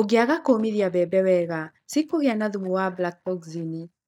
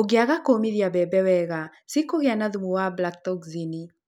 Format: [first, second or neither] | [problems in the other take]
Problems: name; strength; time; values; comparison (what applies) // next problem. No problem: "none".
second | noise reduction (neural mask model DeepFilterNet 3)